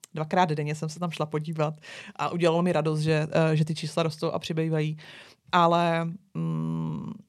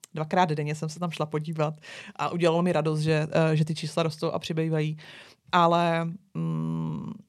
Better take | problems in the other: neither | none

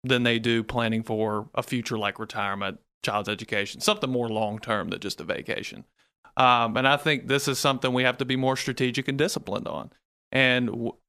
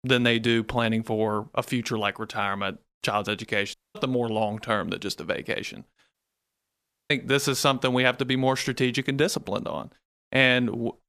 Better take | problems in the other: first | audio cutting out; at 3.5 s and at 6 s for 1 s

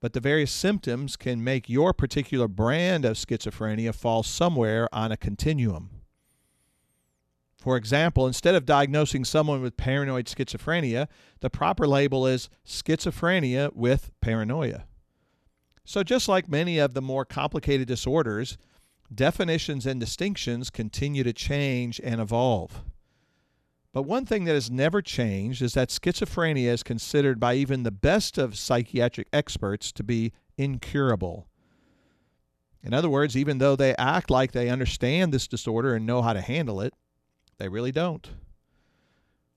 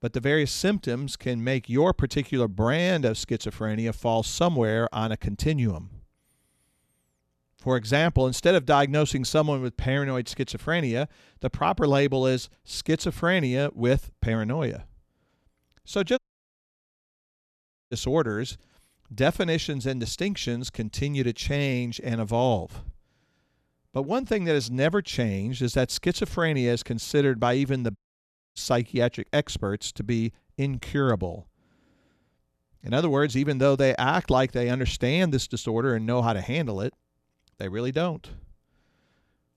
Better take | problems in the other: first | audio cutting out; at 16 s for 1.5 s and at 28 s for 0.5 s

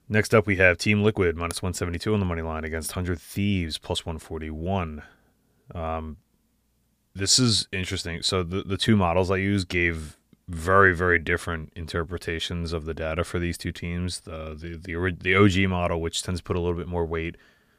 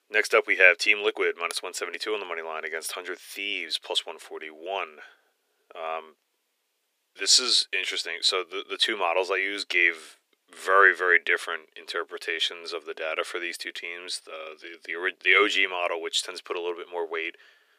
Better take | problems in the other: first | thin; very; fading below 350 Hz

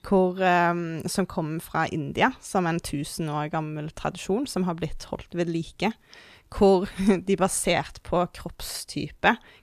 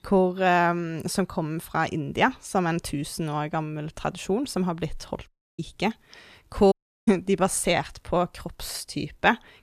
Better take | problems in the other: first | audio cutting out; at 5.5 s and at 6.5 s

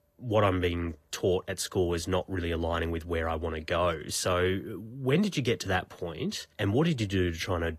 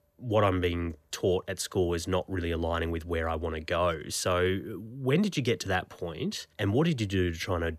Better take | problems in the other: second | garbled, watery; slightly; nothing above 14.5 kHz

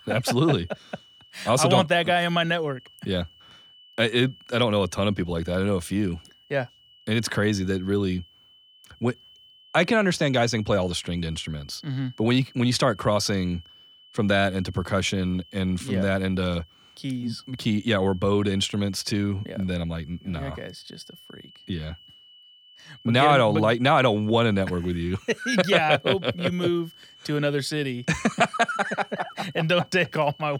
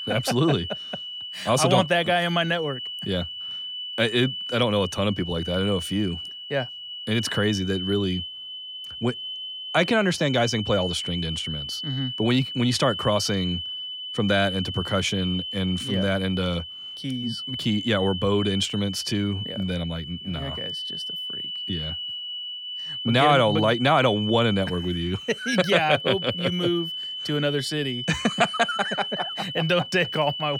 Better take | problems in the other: first | high-pitched whine; loud; throughout; 3 kHz, 7 dB below the speech; faint in the first

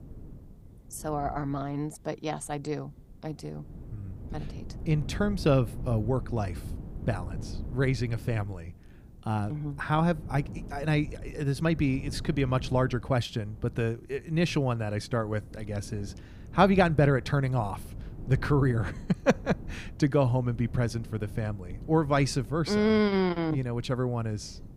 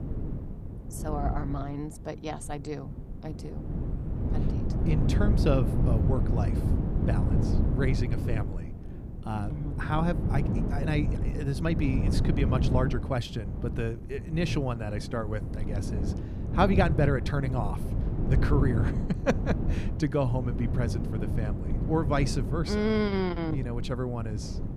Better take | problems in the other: first | wind noise on the microphone; heavy; 7 dB below the speech; occasional gusts in the first

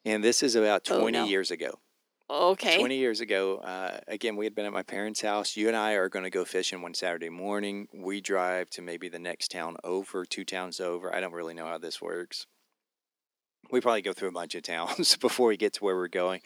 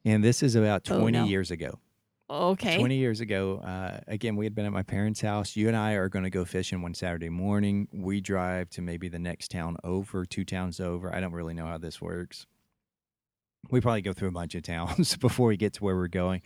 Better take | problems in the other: second | thin; somewhat; fading below 300 Hz

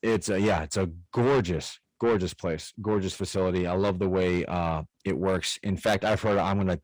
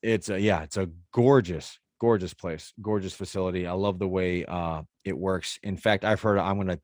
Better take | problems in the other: second | distortion; heavy; 6 dB below the speech

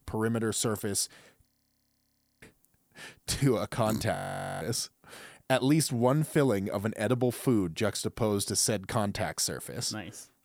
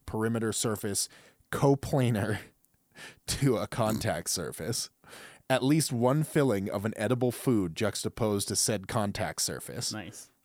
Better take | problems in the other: second | audio freezing; at 1.5 s for 1 s and at 4 s

